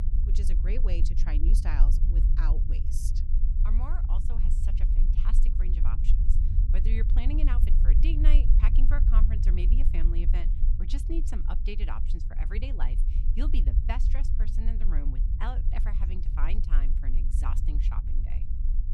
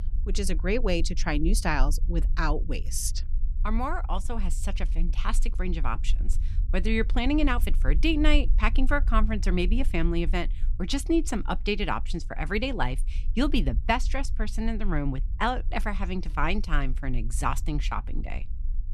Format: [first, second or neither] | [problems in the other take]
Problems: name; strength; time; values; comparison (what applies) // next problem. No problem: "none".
second | low rumble; loud; throughout; 5 dB below the speech; faint in the second